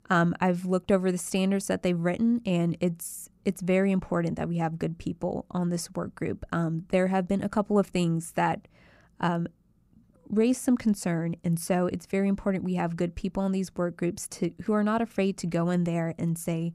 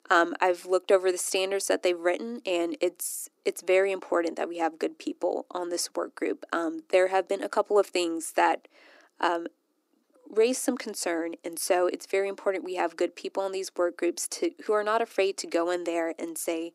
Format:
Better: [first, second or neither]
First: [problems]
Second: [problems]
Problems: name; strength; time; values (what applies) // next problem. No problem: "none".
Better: first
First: none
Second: thin; very; fading below 300 Hz